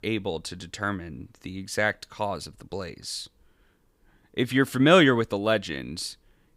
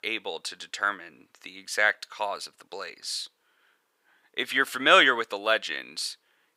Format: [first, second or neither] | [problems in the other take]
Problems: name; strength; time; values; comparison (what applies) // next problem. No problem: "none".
first | thin; very; fading below 600 Hz